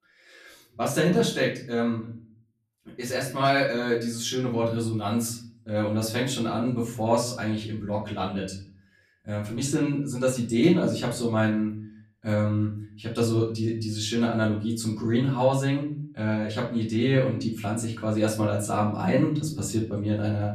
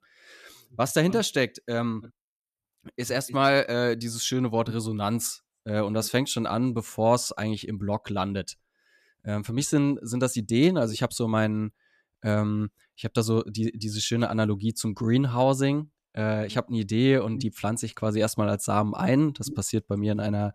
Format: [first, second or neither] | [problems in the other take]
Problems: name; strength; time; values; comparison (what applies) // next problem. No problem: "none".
second | off-mic speech; far // room echo; slight; dies away in 0.5 s